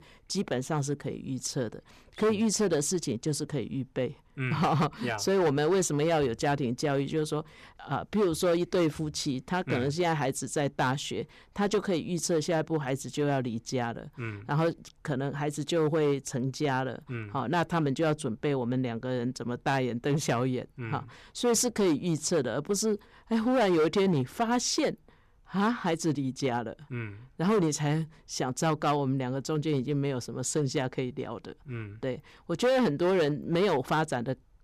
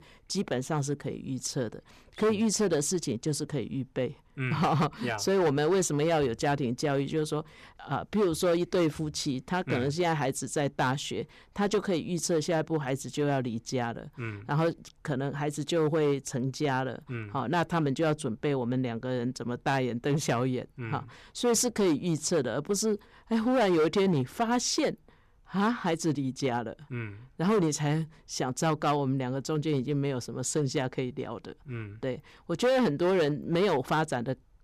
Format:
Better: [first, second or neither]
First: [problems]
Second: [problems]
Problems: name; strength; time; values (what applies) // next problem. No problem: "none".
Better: neither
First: distortion; slight; 6% of the sound clipped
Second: distortion; slight; 6% of the sound clipped